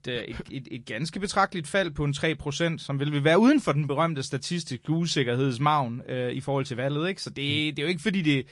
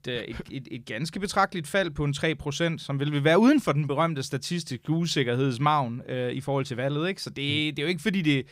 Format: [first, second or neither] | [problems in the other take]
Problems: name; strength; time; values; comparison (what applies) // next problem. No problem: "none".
second | garbled, watery; slightly